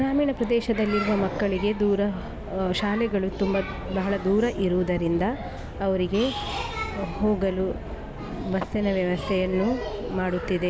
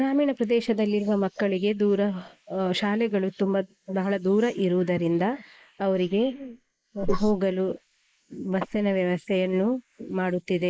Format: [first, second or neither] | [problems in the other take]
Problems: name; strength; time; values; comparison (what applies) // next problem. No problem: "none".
first | noise reduction (neural mask model Resemble Enhance denoiser)